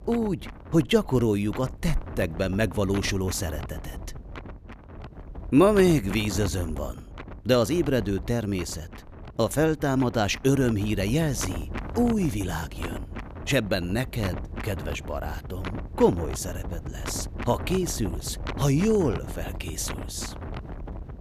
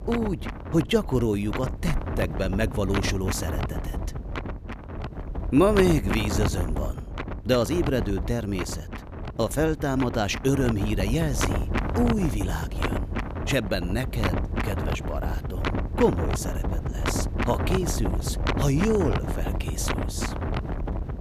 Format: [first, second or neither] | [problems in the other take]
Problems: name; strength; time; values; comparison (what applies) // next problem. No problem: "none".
first | wind noise on the microphone; heavy; 5 dB below the speech; occasional gusts in the first